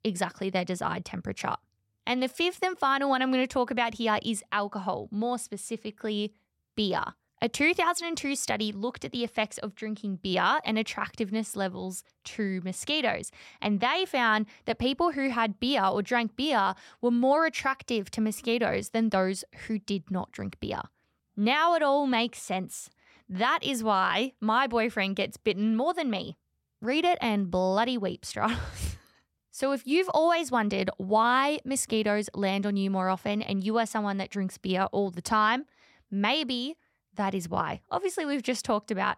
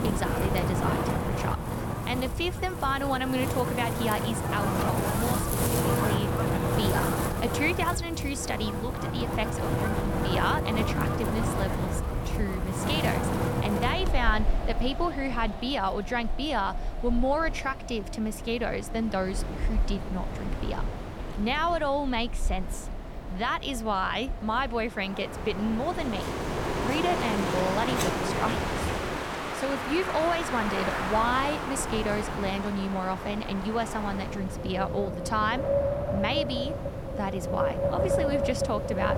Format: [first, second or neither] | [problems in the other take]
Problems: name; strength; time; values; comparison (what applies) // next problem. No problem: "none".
first | wind in the background; very loud; throughout; as loud as the speech